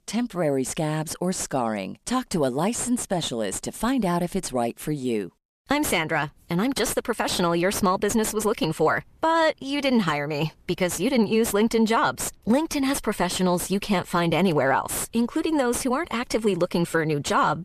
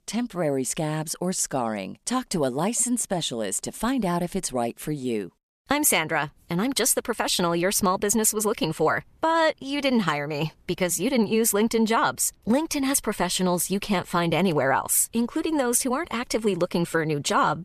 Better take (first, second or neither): second